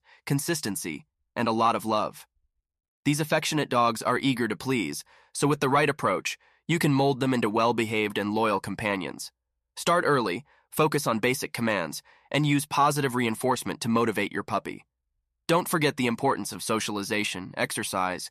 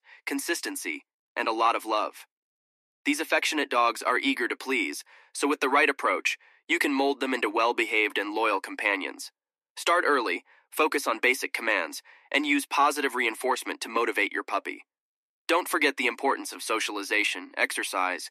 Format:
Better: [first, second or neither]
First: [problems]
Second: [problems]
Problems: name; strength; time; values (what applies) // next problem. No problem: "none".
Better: first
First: none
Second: thin; very slightly; fading below 250 Hz